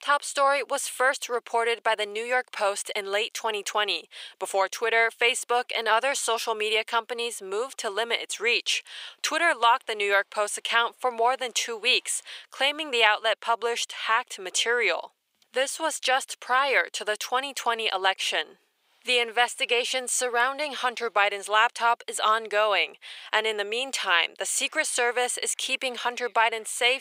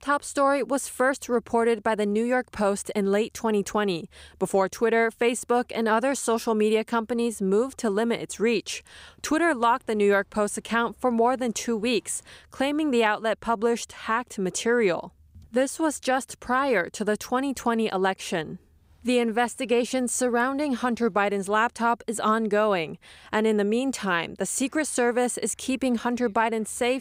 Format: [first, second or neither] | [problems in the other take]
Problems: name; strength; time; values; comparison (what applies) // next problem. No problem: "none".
second | thin; very; fading below 550 Hz